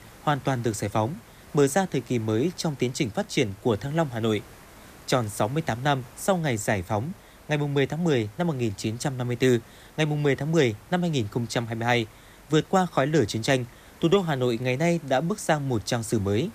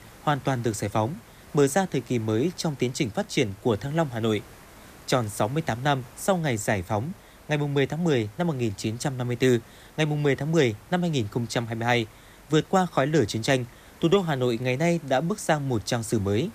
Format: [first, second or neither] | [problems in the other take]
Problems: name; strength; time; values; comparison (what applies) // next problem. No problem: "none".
neither | hiss; faint; throughout; 25 dB below the speech; the same in both